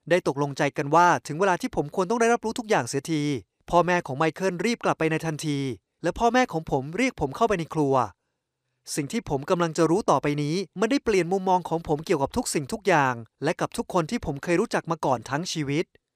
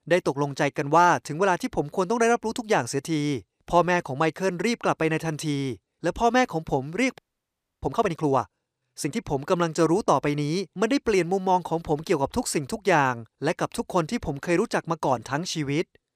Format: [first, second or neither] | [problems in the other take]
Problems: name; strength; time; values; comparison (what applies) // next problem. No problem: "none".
first | audio freezing; at 7 s for 0.5 s